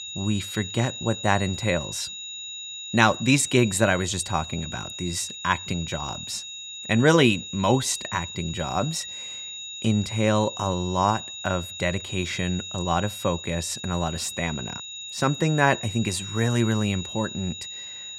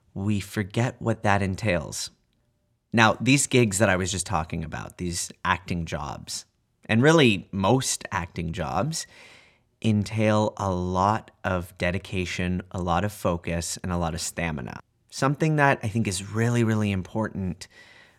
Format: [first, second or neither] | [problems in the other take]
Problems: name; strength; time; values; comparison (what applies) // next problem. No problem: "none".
second | high-pitched whine; loud; throughout; 4 kHz, 9 dB below the speech